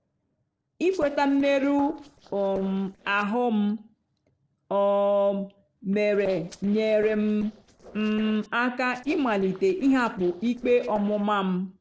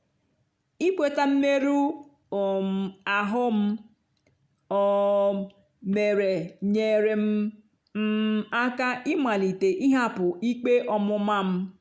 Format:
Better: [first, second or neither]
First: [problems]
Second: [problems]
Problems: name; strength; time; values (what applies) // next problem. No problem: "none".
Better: second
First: noise reduction (neural separator model SepFormer DNS4)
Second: none